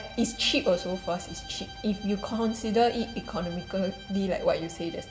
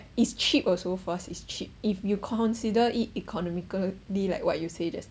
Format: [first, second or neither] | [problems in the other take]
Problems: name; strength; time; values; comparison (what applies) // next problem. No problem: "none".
second | background sound (Bowed string instrument); 16 dB below the speech // room echo; dies away in 2.7 s